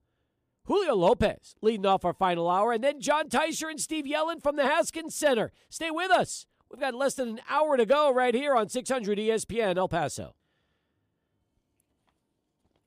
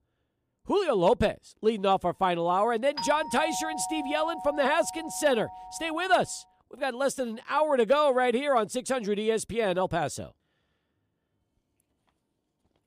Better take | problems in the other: first | doorbell; noticeable; from 3 to 6 s; peak 7 dB below the speech

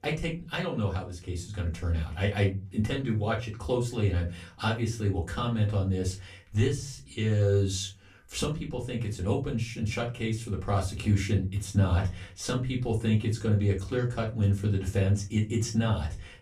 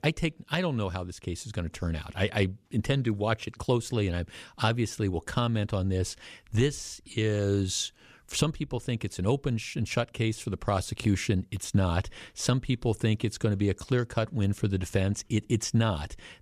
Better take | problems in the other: second | off-mic speech; far // room echo; very slight; dies away in 0.2 s

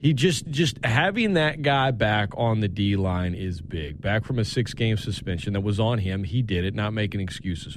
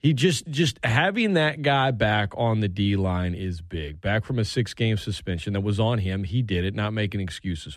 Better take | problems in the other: second | low rumble; faint; throughout; 25 dB below the speech

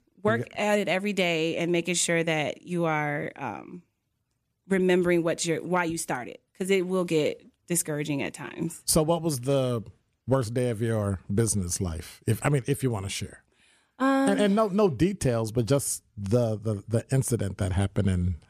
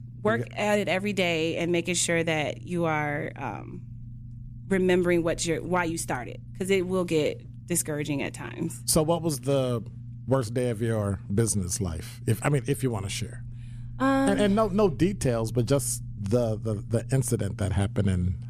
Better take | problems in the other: first | low rumble; faint; throughout; 25 dB below the speech

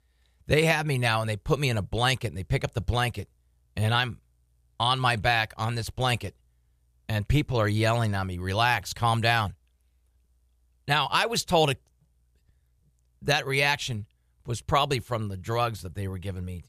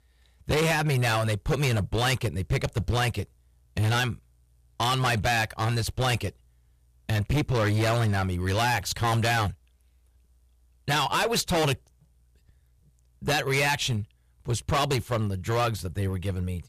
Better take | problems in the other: first | distortion; heavy; 14% of the sound clipped

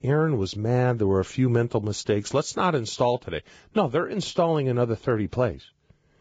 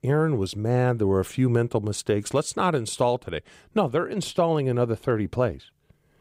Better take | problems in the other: second | garbled, watery; badly; nothing above 7.5 kHz

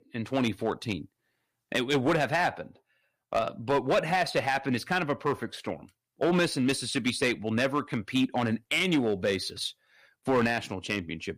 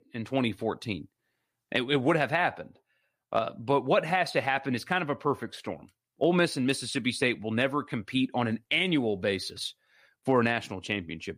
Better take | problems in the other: second | distortion; slight; 4% of the sound clipped

